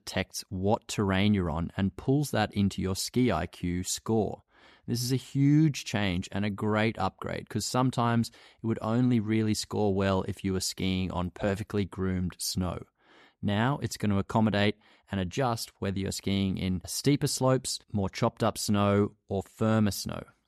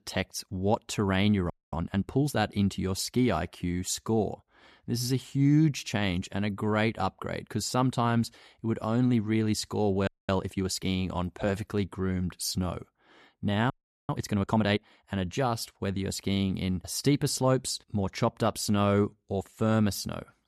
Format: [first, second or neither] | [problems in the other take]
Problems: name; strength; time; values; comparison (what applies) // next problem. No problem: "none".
first | audio freezing; at 1.5 s, at 10 s and at 14 s